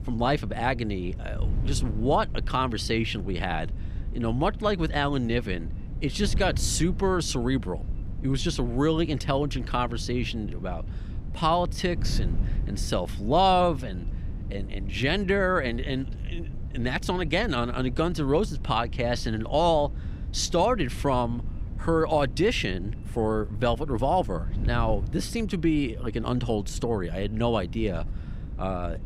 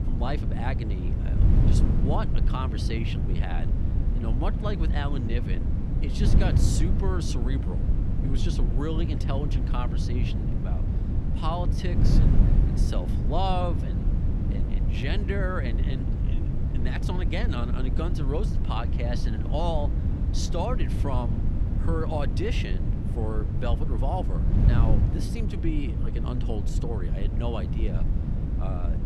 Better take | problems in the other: first | wind noise on the microphone; heavy; 4 dB below the speech; occasional gusts in the first

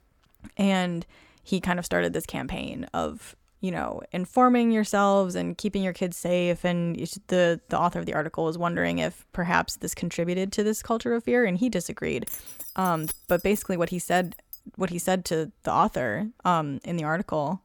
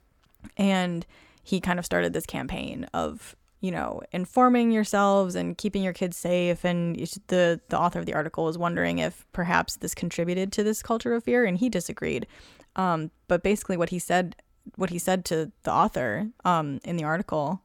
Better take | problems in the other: second | jangling keys; noticeable; from 12 to 15 s; peak 7 dB below the speech

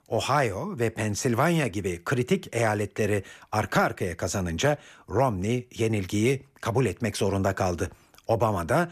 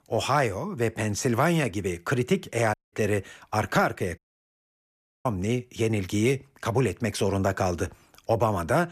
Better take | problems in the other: first | audio cutting out; at 2.5 s and at 4 s for 1 s

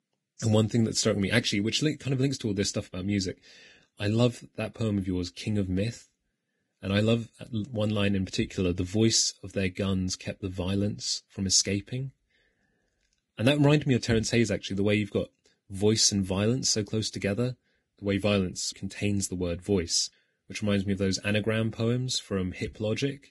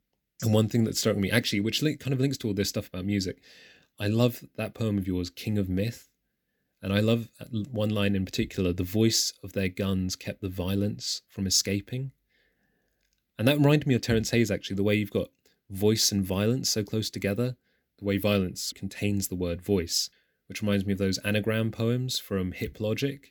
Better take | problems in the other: second | garbled, watery; badly; nothing above 11.5 kHz

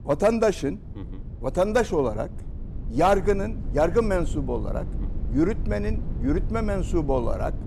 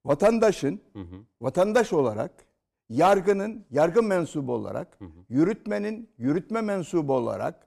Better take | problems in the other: second | low rumble; faint; throughout; 20 dB below the speech

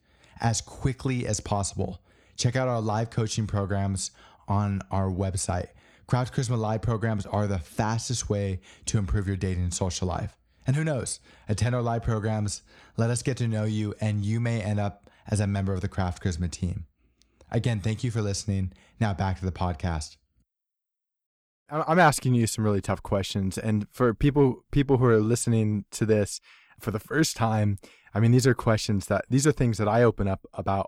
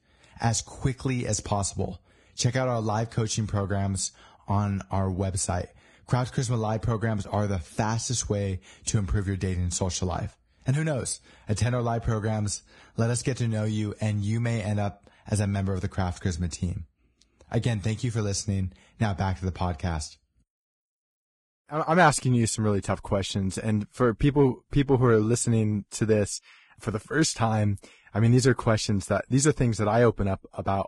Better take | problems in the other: first | garbled, watery; badly

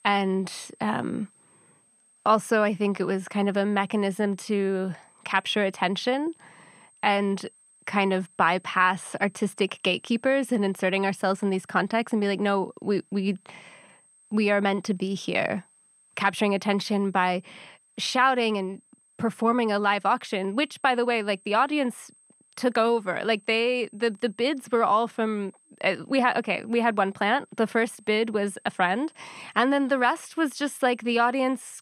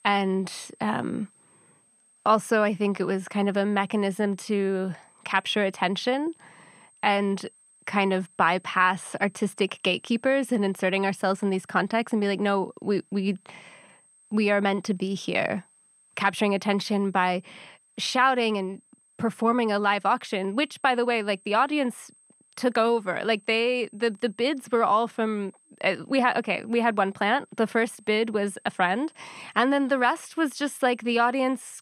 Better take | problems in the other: neither | high-pitched whine; faint; throughout; 8.5 kHz, 30 dB below the speech; the same in both

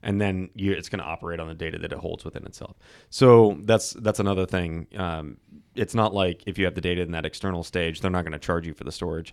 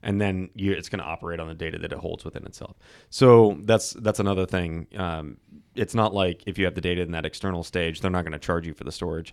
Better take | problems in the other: neither | none

